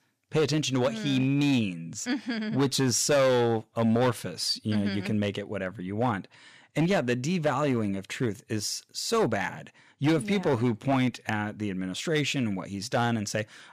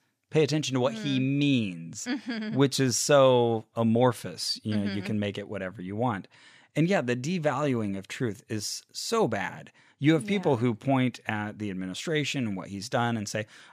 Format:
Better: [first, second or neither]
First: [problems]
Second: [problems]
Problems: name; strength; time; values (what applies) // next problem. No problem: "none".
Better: second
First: distortion; slight; 6% of the sound clipped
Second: none